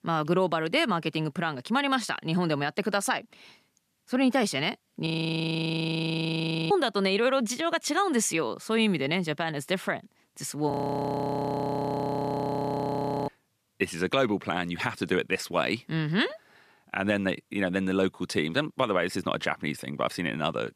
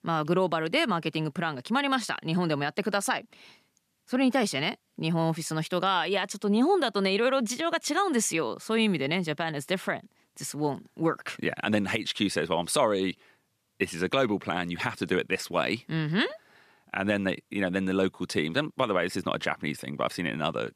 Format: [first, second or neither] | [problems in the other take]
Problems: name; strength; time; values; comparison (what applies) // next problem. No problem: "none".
second | audio freezing; at 5 s for 1.5 s and at 11 s for 2.5 s